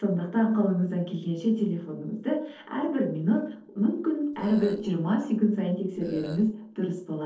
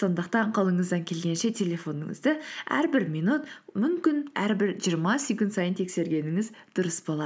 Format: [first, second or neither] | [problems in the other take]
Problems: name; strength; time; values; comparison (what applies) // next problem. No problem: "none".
second | noise reduction (neural separator model SepFormer DNS4)